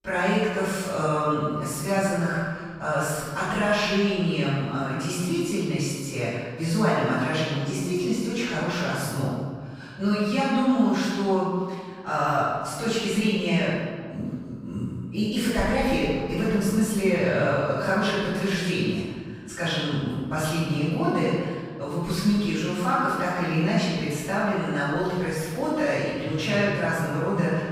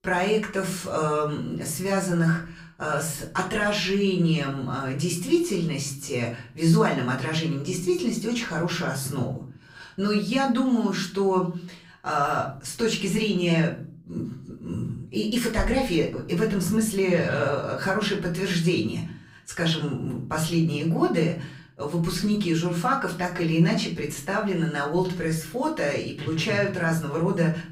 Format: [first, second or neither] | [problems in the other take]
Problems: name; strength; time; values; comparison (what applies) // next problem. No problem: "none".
second | room echo; strong; dies away in 1.6 s; slight in the second // off-mic speech; far; far in the second